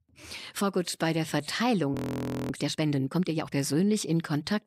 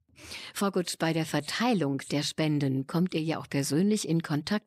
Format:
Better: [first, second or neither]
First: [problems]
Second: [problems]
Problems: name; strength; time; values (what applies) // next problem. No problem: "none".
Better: second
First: audio freezing; at 2 s for 0.5 s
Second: none